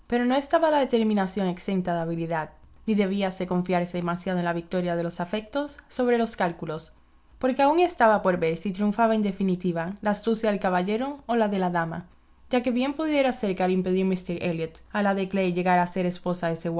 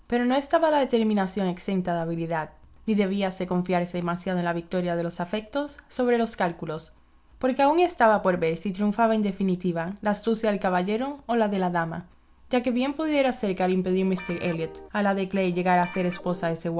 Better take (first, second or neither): first